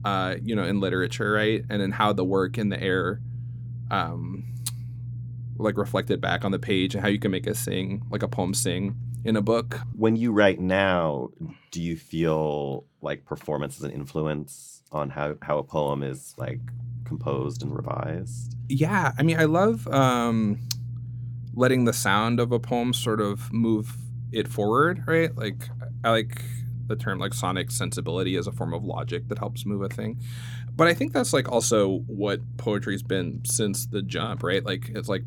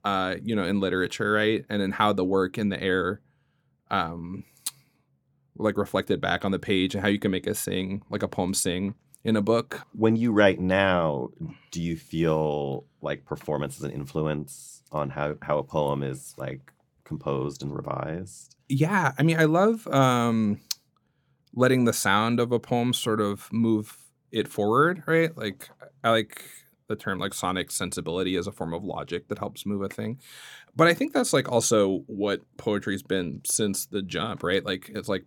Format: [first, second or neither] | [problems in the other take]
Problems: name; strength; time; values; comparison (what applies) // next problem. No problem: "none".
second | low rumble; faint; until 10 s and from 16 s on; 20 dB below the speech